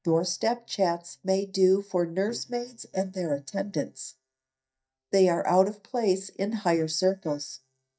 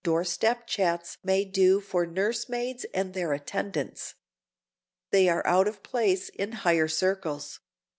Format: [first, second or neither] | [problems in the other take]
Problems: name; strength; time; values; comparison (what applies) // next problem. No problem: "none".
second | noise reduction (neural mask model DeepFilterNet 3)